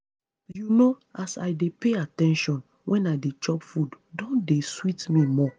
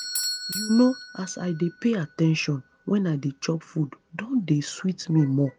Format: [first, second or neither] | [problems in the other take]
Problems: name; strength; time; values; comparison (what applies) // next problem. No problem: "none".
first | background sound (Bell / Doorbell); 13 dB below the speech